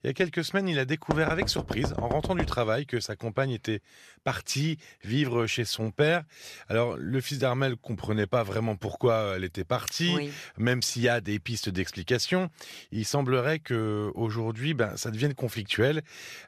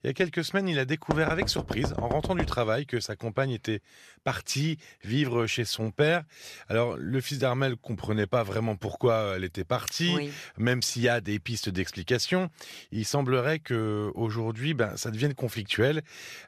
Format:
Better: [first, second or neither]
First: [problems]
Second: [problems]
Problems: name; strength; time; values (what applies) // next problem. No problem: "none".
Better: neither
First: door banging; noticeable; from 1 to 2.5 s; peak 4 dB below the speech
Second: door banging; noticeable; from 1 to 2.5 s; peak 4 dB below the speech